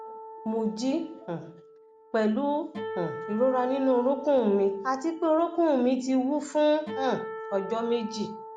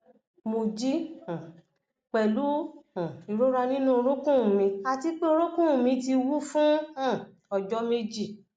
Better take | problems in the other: second | background sound (Acoustic guitar); 13 dB below the speech

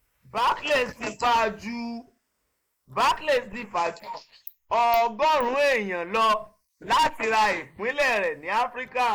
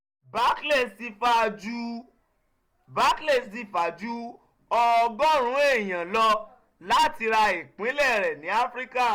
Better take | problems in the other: second | noise reduction (neural mask model Resemble Enhance denoiser)

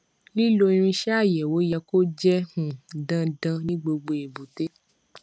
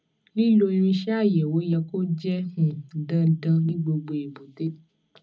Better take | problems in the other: first | room echo; dies away in 0.4 s

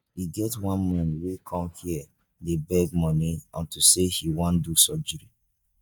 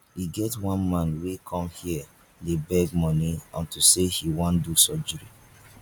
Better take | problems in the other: second | noise reduction (neural mask model DeepFilterNet 3)

